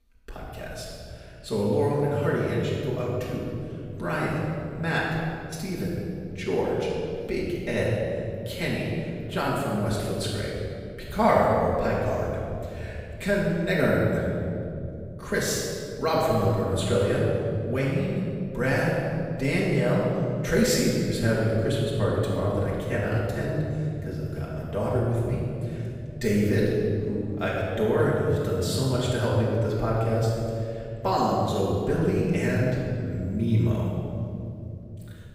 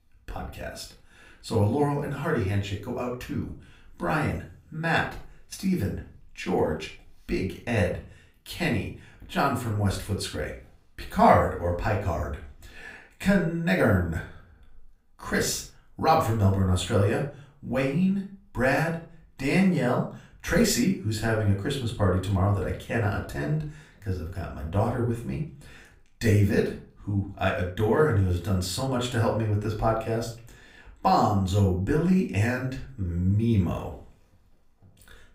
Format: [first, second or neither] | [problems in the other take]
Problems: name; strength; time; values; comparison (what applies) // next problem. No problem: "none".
second | room echo; strong; dies away in 3 s; slight in the second // off-mic speech; far; far in the second